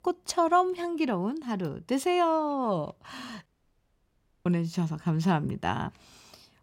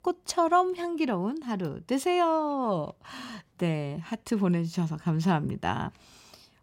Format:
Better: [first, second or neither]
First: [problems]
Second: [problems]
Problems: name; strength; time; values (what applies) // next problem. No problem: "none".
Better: second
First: audio cutting out; at 3.5 s for 1 s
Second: none